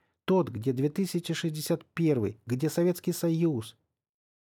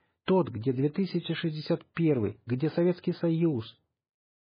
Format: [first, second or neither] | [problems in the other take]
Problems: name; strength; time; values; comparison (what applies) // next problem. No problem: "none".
first | garbled, watery; badly; nothing above 5 kHz